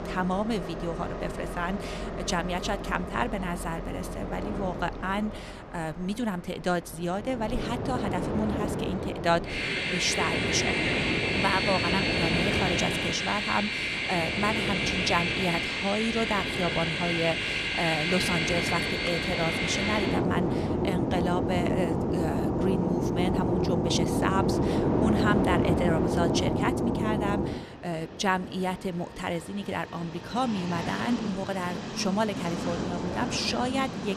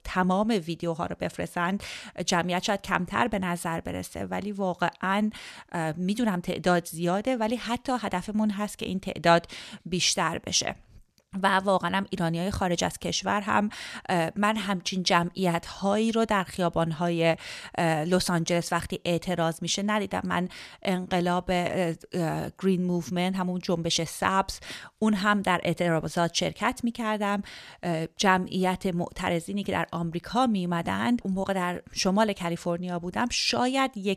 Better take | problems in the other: second | train or aircraft noise; very loud; throughout; 2 dB above the speech

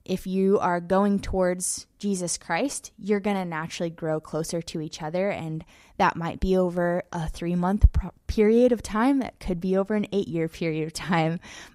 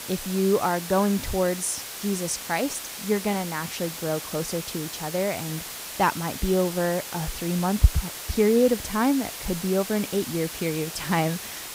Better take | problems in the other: first | hiss; loud; throughout; 8 dB below the speech

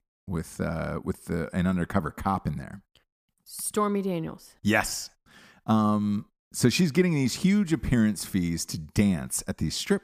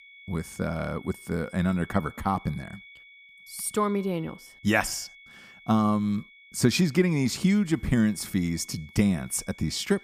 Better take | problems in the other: first | high-pitched whine; faint; throughout; 2 kHz, 20 dB below the speech

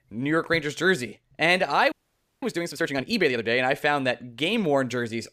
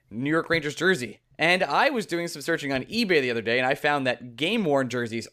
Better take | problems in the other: second | audio freezing; at 2 s for 0.5 s

